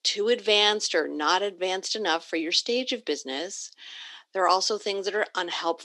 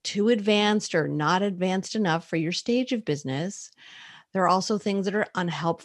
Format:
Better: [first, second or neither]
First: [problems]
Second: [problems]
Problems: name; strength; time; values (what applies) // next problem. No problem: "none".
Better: second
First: thin; somewhat; fading below 300 Hz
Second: none